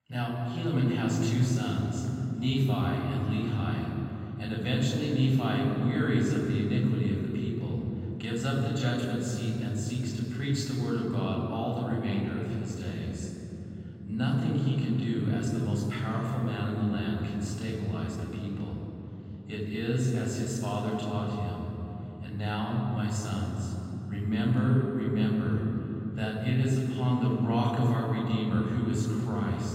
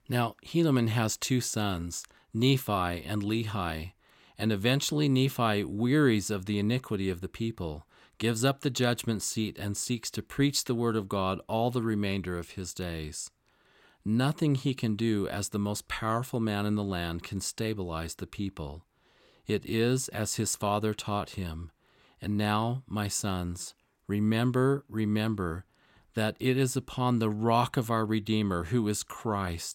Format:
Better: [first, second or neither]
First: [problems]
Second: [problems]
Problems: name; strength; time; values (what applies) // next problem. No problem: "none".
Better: second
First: room echo; strong; dies away in 3 s // off-mic speech; far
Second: none